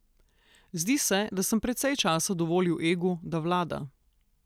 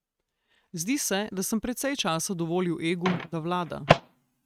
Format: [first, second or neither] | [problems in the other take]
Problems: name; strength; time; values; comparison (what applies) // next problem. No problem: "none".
first | noise reduction (neural mask model RNNoise)